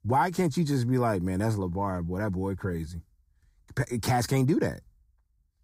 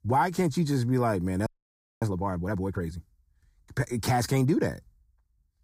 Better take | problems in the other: first | audio freezing; at 1.5 s for 0.5 s

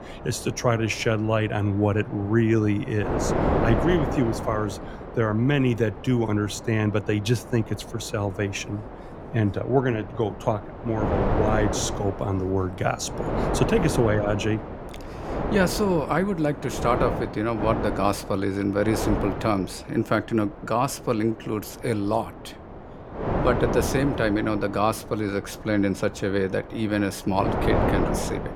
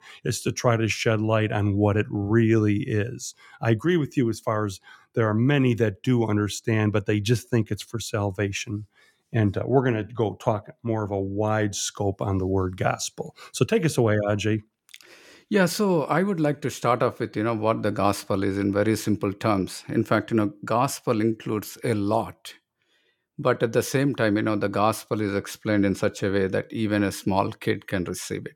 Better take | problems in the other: second | wind noise on the microphone; heavy; 5 dB below the speech

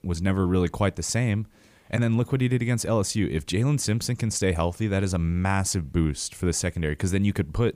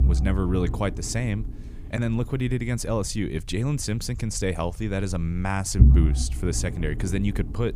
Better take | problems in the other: first | low rumble; loud; throughout; 9 dB below the speech

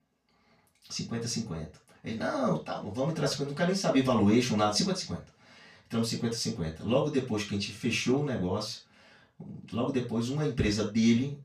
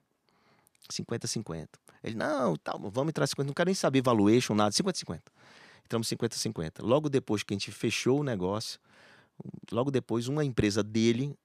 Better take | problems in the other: second | room echo; slight; dies away in 0.2 s // off-mic speech; far

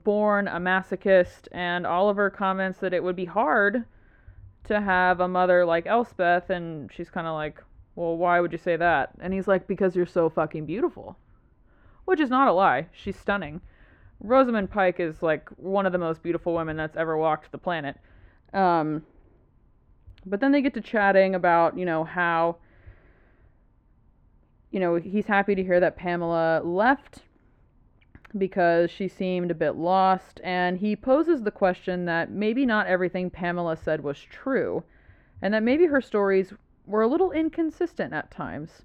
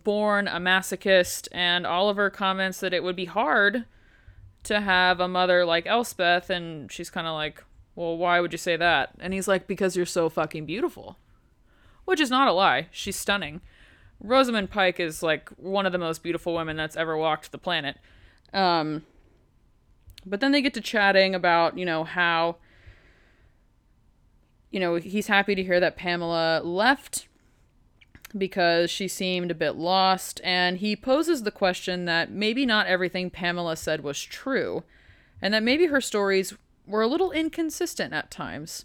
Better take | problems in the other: second | muffled; very; fading above 3.5 kHz

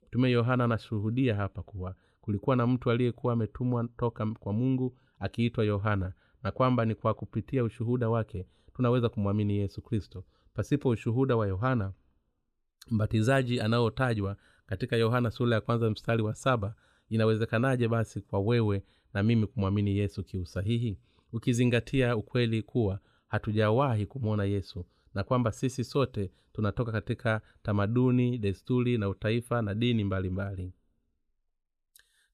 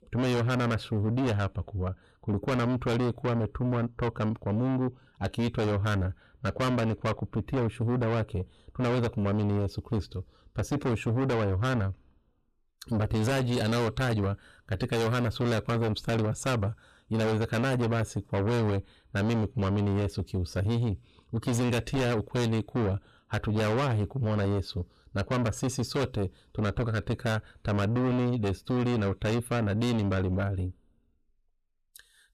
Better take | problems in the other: first | distortion; heavy; 6 dB below the speech

